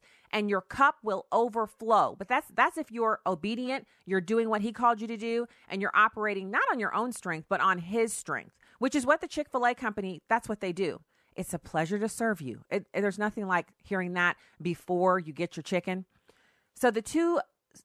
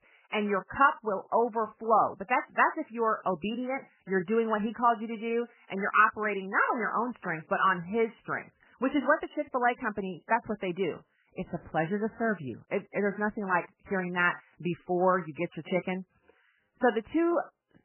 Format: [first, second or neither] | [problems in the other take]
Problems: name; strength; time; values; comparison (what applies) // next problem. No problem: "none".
first | garbled, watery; badly; nothing above 3 kHz